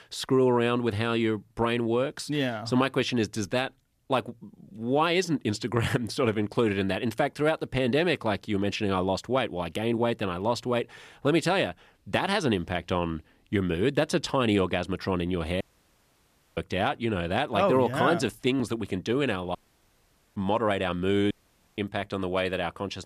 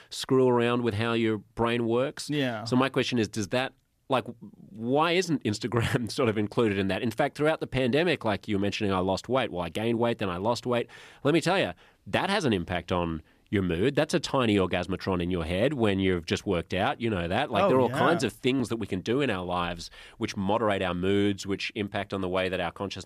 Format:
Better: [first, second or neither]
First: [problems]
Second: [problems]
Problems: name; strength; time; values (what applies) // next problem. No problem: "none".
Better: second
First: audio cutting out; at 16 s for 1 s, at 20 s for 1 s and at 21 s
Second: none